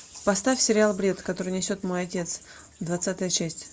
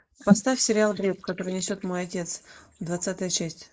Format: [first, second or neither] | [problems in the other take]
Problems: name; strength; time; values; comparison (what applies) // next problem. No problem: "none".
first | noise reduction (neural mask model Resemble Enhance denoiser)